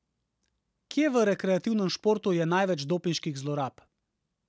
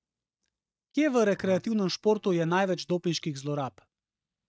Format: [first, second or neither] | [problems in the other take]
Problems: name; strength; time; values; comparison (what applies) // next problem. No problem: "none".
first | noise reduction (neural mask model DeepFilterNet 3)